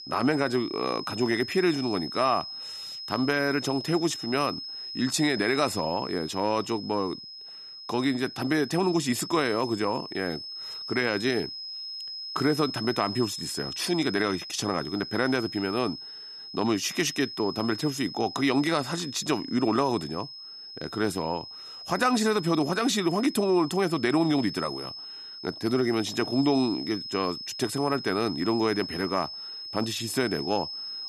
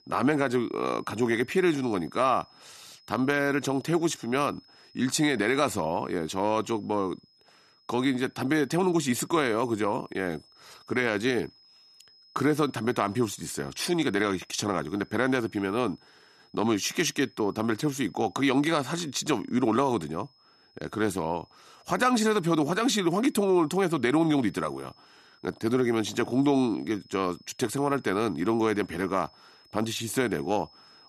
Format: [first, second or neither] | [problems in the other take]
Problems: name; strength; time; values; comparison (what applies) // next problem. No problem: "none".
second | high-pitched whine; loud; throughout; 5 kHz, 9 dB below the speech; faint in the second